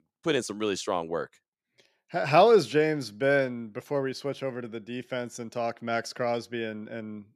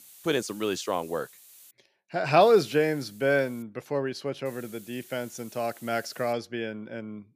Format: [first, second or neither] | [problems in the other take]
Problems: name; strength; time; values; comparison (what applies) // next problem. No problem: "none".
first | hiss; faint; until 1.5 s, from 2.5 to 3.5 s and from 4.5 to 6.5 s; 20 dB below the speech